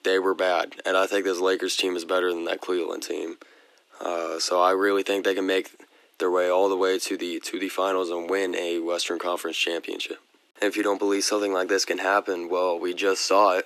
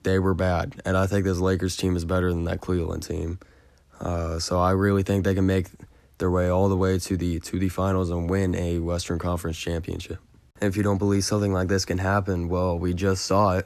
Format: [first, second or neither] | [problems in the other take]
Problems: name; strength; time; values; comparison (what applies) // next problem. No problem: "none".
second | thin; somewhat; fading below 300 Hz